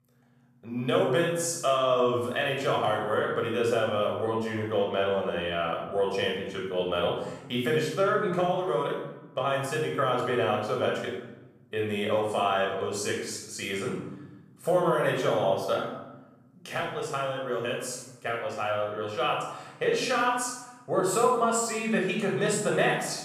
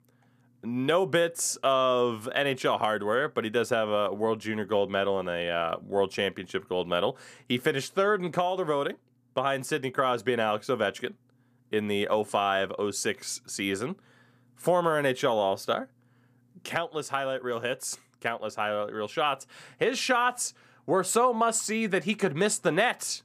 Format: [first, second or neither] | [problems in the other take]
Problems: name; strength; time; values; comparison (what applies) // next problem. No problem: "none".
second | off-mic speech; far // room echo; noticeable; dies away in 0.9 s